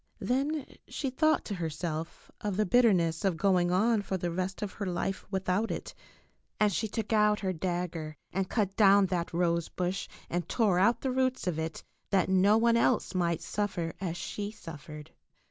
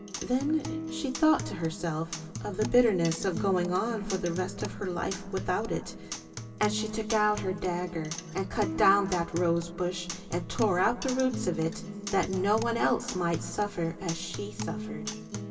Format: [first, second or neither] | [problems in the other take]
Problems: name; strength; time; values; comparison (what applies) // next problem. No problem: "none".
first | background sound (Acoustic guitar); 9 dB below the speech // room echo; dies away in 2.6 s